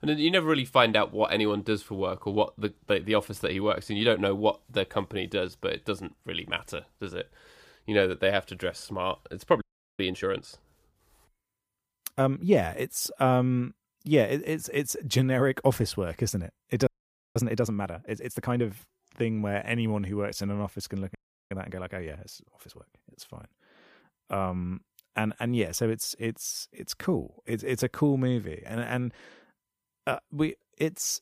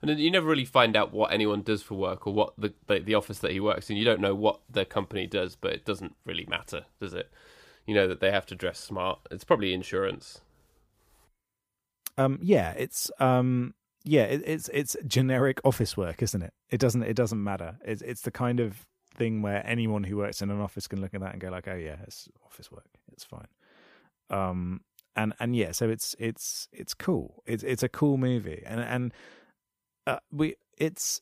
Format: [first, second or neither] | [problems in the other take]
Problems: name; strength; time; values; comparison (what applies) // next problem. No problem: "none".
second | audio freezing; at 9.5 s, at 17 s and at 21 s